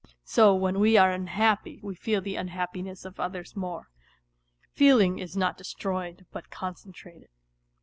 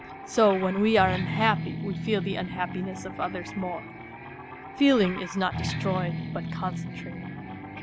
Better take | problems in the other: first | background sound (Guitar); 6 dB below the speech

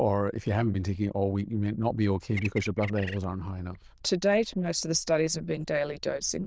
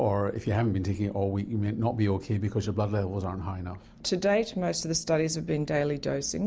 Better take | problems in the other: second | noise reduction (neural diffusion model UNIVERSE++)

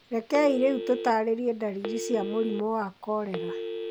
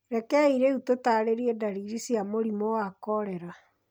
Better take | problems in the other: second | background sound (Telephone); 8 dB below the speech

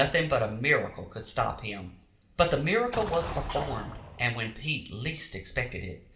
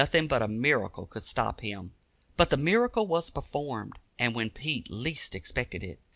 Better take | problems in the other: second | background sound (Explosion); 9 dB below the speech // room echo; dies away in 0.6 s

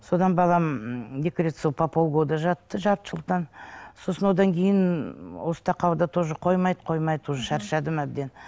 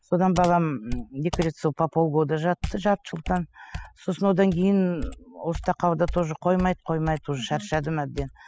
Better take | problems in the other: first | noise reduction (classical method spectral subtraction)

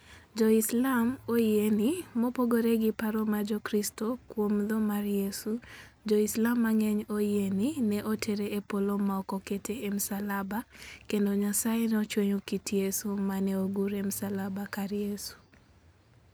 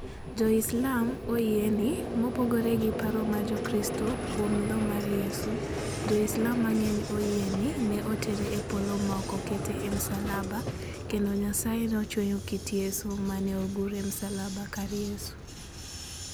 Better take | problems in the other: first | background sound (Vehicle); 5 dB below the speech

